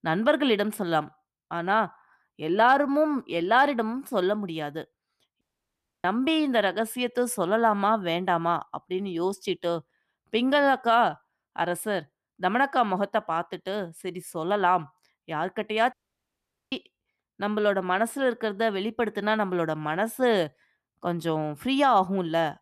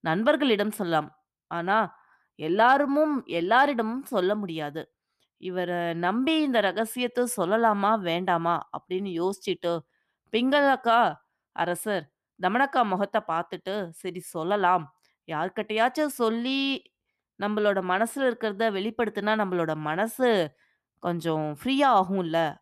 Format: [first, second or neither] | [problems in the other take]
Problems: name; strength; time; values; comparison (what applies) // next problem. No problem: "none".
second | audio cutting out; at 5.5 s for 0.5 s and at 16 s for 1 s